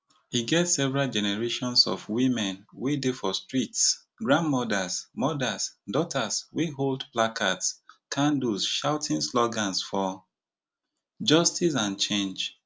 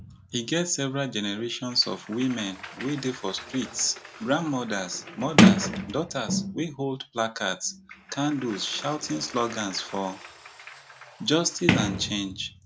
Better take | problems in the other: first | background sound (Sliding door); 1 dB below the speech

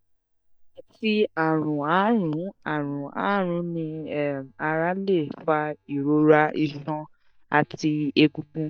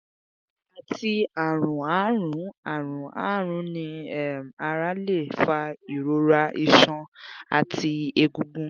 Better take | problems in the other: second | noise reduction (neural mask model DeepFilterNet 3)

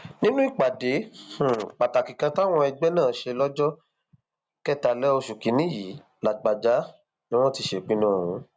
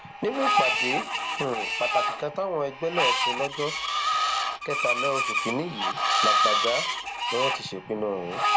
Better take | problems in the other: first | background sound (Screech); 4 dB above the speech

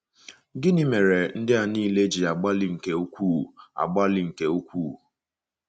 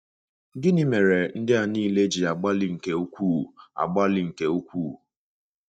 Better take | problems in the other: first | noise reduction (neural mask model DeepFilterNet 3)

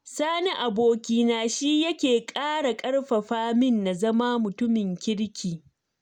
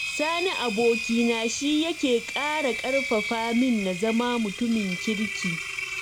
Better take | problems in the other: first | background sound (Engine); 7 dB below the speech

